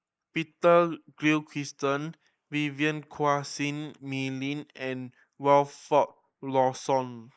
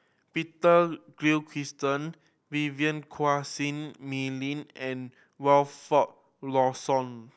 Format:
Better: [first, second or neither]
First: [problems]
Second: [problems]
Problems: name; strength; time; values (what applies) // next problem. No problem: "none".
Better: second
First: noise reduction (neural mask model Resemble Enhance denoiser)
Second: none